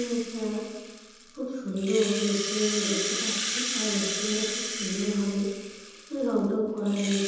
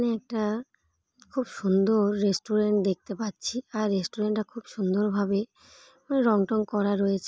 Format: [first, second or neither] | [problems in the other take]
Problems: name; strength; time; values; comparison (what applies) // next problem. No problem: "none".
second | background sound (Rattle (instrument)); 4 dB below the speech // room echo; dies away in 1.1 s